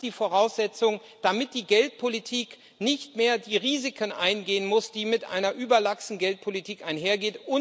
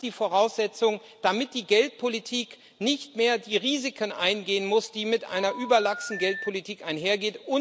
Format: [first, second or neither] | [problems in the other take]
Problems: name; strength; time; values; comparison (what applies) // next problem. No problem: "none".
first | background sound (Telephone); 10 dB below the speech